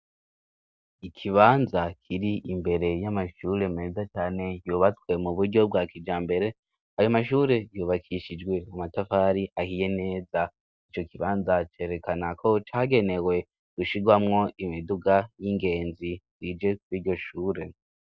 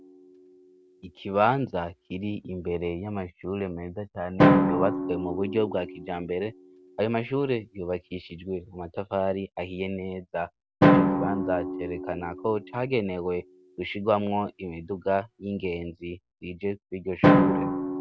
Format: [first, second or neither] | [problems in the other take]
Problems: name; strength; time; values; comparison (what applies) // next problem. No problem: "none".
first | background sound (Drum); 2 dB above the speech